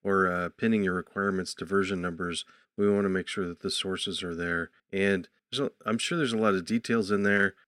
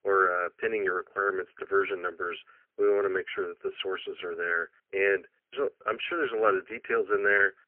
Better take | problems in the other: first | phone-call audio; poor line; nothing above 3 kHz

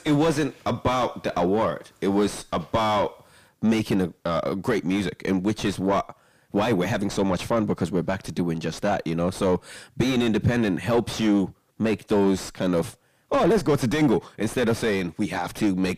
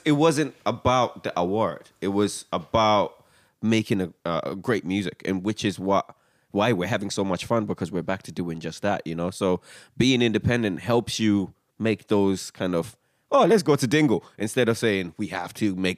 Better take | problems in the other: second | distortion; heavy; 6 dB below the speech

